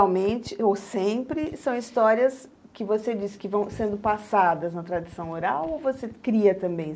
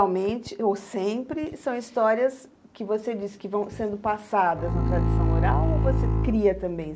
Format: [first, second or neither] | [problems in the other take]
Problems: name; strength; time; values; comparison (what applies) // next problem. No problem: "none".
first | background sound (Bowed string instrument); 3 dB above the speech